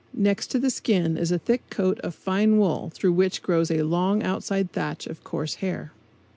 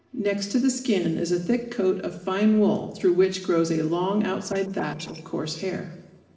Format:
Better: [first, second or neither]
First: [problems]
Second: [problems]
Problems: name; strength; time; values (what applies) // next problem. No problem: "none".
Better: first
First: none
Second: noise reduction (neural separator model SepFormer DNS4)